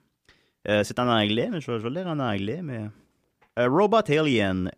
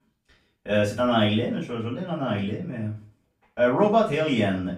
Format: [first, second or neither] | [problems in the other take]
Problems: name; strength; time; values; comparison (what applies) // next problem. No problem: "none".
first | off-mic speech; far // room echo; slight; dies away in 0.3 s